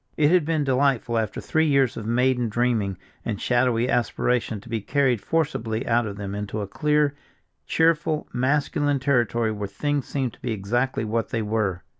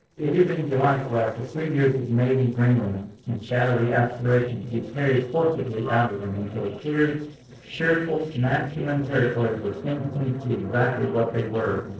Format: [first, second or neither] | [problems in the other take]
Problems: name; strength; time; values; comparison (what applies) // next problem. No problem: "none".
first | noise reduction (neural separator model SepFormer DNS4)